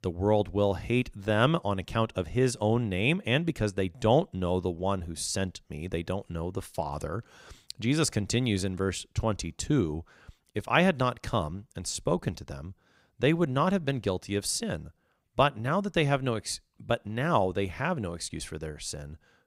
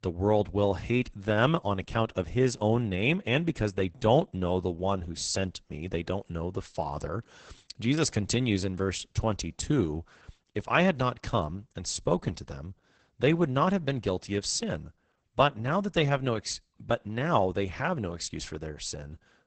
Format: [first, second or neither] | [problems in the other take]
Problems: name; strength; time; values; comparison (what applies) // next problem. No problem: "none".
first | garbled, watery; badly; nothing above 8 kHz